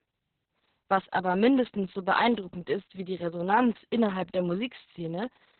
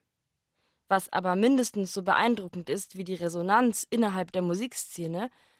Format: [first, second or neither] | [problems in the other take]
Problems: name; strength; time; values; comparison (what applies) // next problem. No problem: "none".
second | garbled, watery; badly; nothing above 4 kHz; slightly in the second